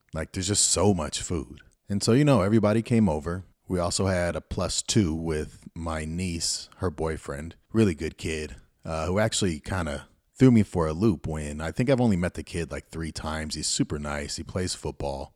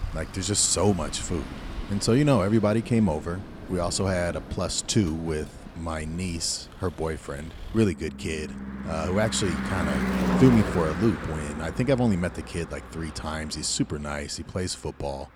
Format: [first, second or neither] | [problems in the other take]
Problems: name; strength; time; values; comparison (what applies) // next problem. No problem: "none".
first | traffic noise; loud; throughout; 8 dB below the speech